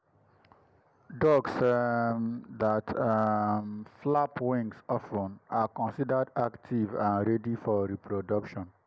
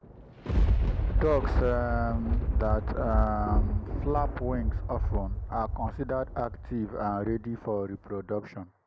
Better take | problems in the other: first | background sound (Thunder); 3 dB above the speech

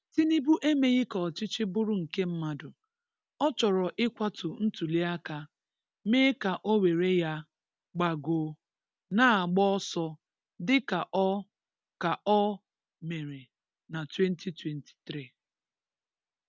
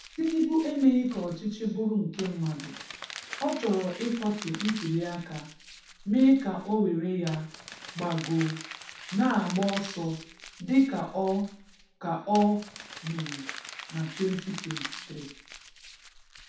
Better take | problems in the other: first | background sound (Crumpling, crinkling); 15 dB below the speech // room echo; dies away in 0.7 s

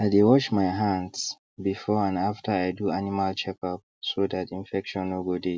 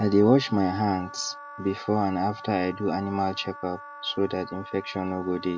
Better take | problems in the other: first | background sound (Wind instrument, woodwind instrument); 15 dB below the speech

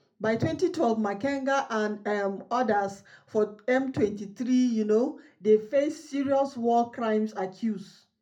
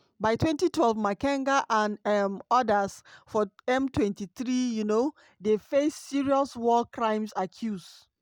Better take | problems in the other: second | room echo; dies away in 0.3 s

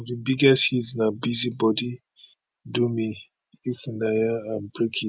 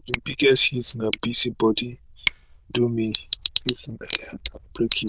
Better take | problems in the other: first | noise reduction (neural diffusion model UNIVERSE++)

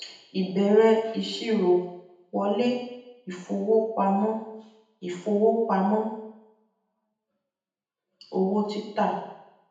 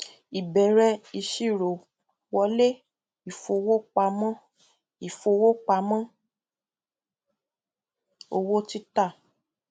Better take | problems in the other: second | room echo; dies away in 0.9 s

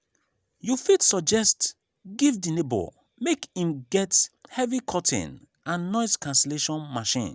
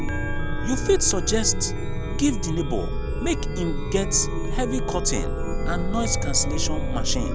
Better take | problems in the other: first | background sound (Chime); 2 dB above the speech

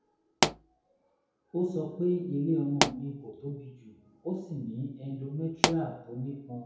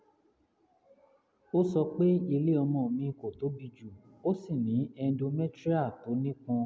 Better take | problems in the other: second | background sound (Explosion); 1 dB above the speech // room echo; dies away in 0.5 s

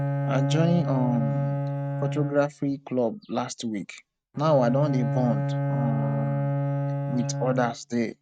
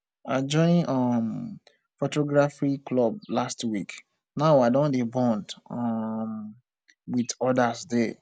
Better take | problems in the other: second | noise reduction (neural mask model RNNoise)

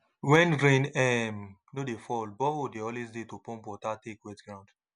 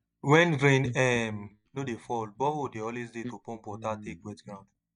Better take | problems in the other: first | noise reduction (neural mask model DeepFilterNet 3)

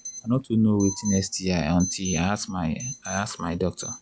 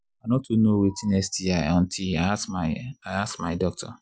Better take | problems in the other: second | background sound (Alarm); 13 dB below the speech

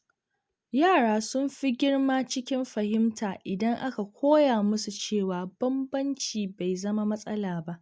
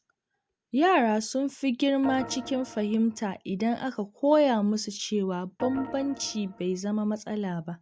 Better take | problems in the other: first | background sound (Organ); 13 dB below the speech

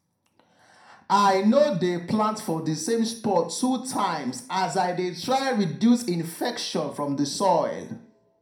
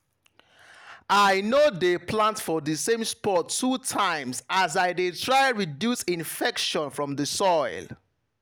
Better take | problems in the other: second | room echo; dies away in 0.4 s

